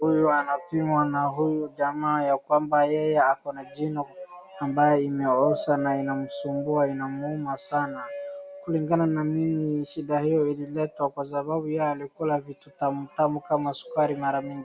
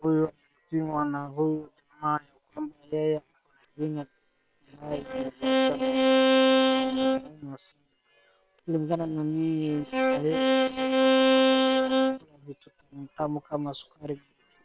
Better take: first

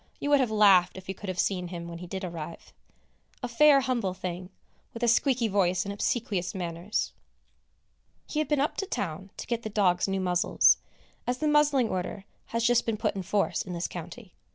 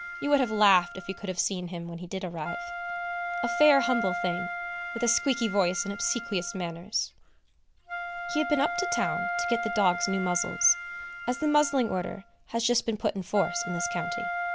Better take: first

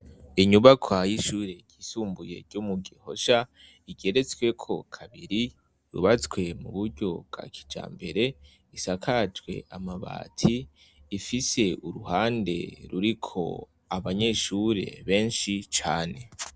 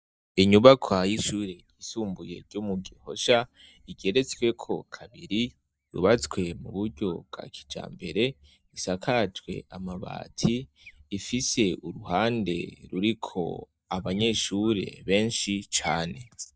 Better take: first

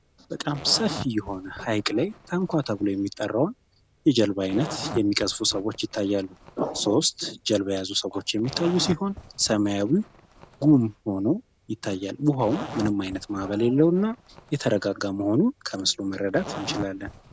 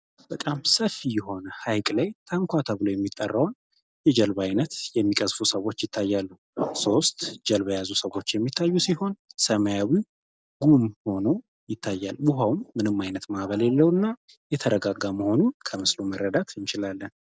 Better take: second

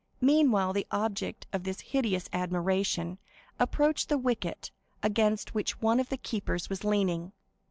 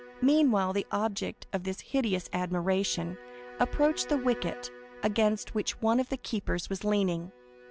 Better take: first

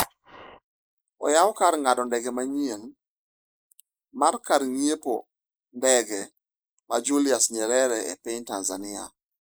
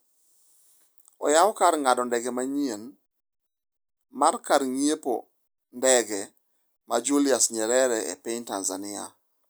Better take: second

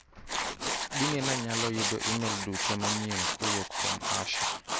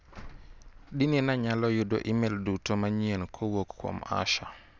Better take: second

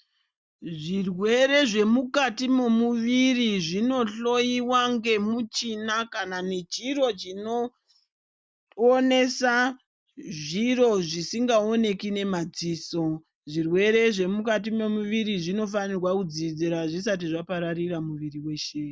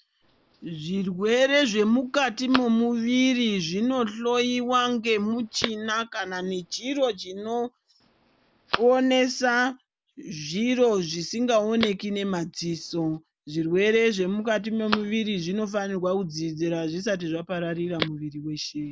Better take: first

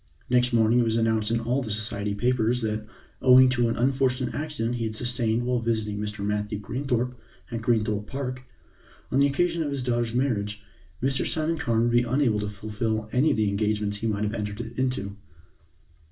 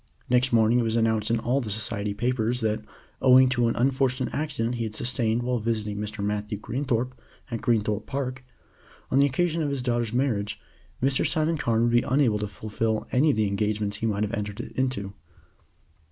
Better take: second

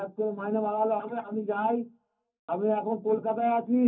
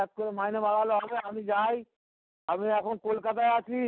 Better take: second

